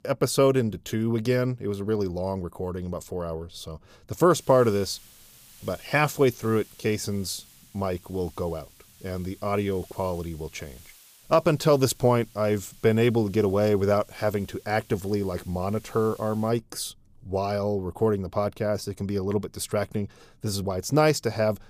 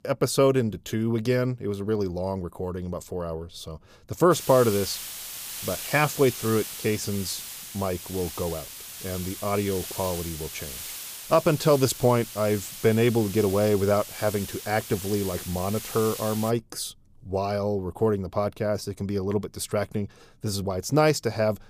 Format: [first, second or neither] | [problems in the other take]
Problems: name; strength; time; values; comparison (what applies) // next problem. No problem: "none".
first | hiss; loud; from 4.5 to 17 s; 9 dB below the speech; faint in the first